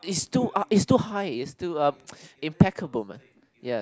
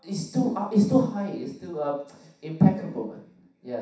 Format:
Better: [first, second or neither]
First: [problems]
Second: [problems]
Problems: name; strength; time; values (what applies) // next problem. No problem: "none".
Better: first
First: none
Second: room echo; dies away in 0.7 s